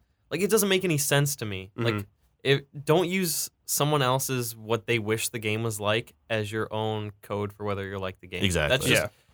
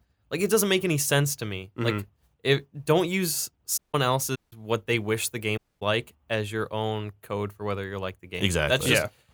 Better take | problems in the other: first | audio cutting out; at 4 s, at 4.5 s and at 5.5 s

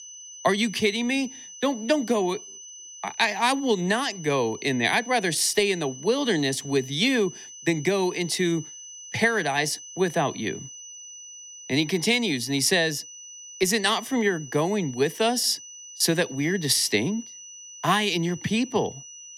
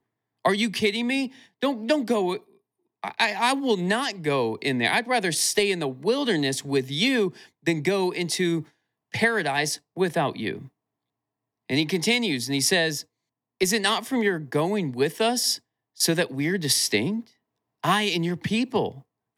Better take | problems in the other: second | high-pitched whine; noticeable; throughout; 6 kHz, 15 dB below the speech

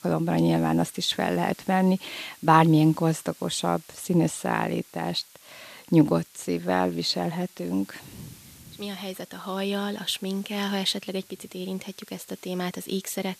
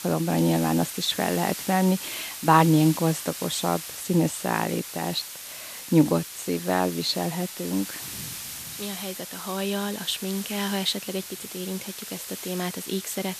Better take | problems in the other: first | hiss; loud; throughout; 9 dB below the speech; faint in the first

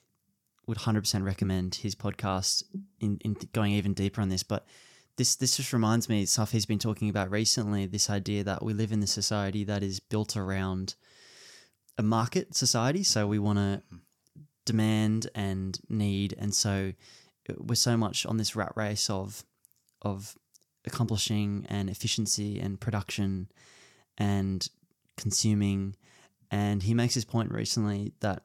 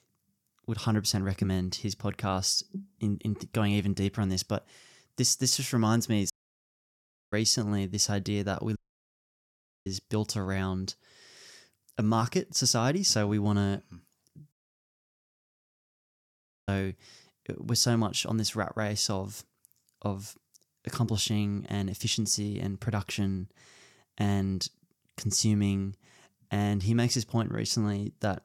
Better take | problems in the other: first | audio cutting out; at 6.5 s for 1 s, at 9 s for 1 s and at 15 s for 2 s

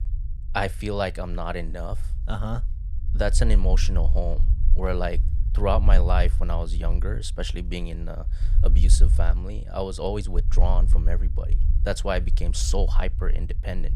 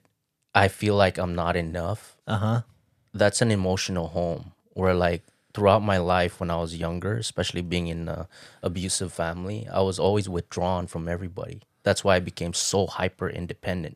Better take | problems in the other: second | low rumble; noticeable; throughout; 15 dB below the speech

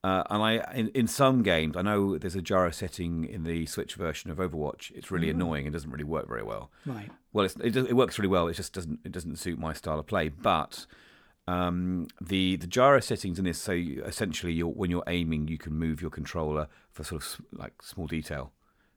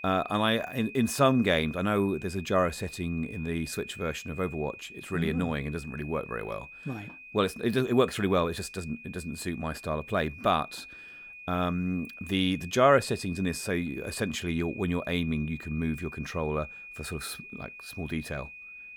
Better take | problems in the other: first | high-pitched whine; noticeable; throughout; 2.5 kHz, 15 dB below the speech

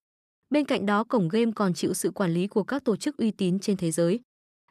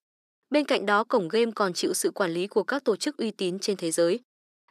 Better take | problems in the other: first | thin; somewhat; fading below 400 Hz

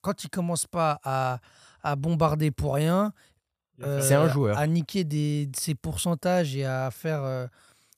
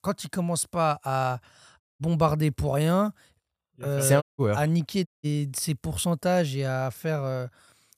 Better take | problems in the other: first | audio cutting out; at 2 s, at 4 s and at 5 s

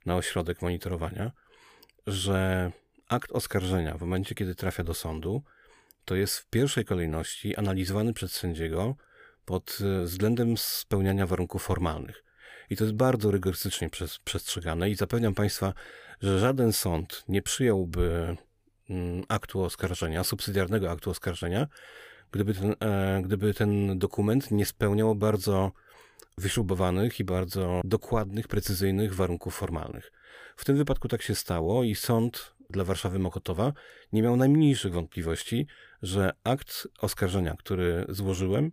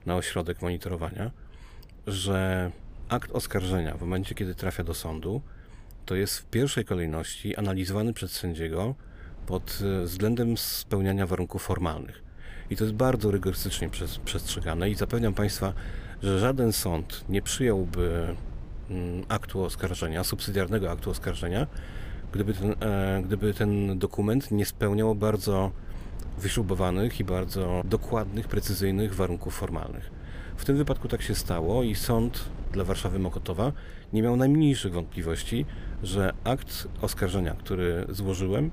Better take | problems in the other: first | wind noise on the microphone; occasional gusts; 20 dB below the speech

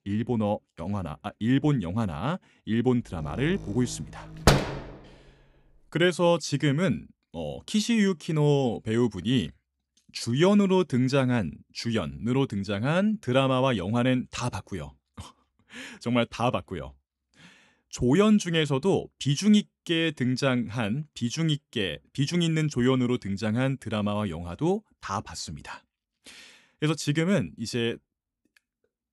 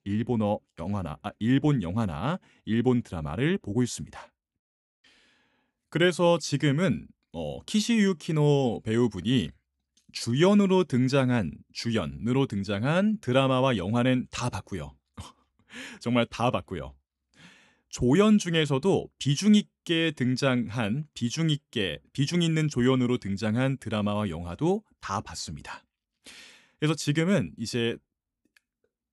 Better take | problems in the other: second | door banging; loud; at 4.5 s; peak 4 dB above the speech

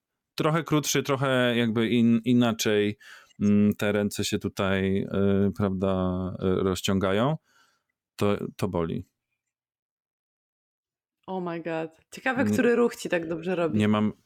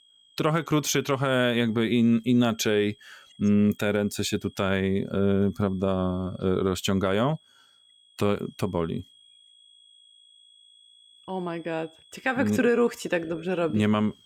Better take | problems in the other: first | high-pitched whine; faint; throughout; 3.5 kHz, 30 dB below the speech

